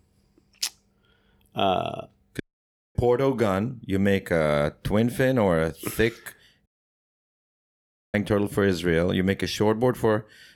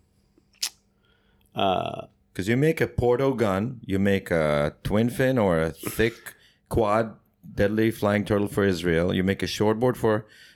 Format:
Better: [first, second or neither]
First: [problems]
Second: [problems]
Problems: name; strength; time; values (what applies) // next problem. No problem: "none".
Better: second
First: audio cutting out; at 2.5 s for 0.5 s and at 6.5 s for 1.5 s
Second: none